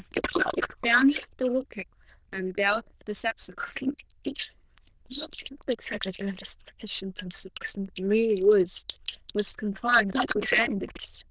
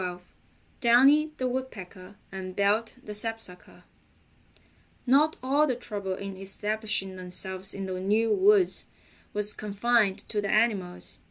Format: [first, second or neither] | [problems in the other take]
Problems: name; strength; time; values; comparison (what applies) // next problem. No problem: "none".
second | noise reduction (neural diffusion model UNIVERSE++)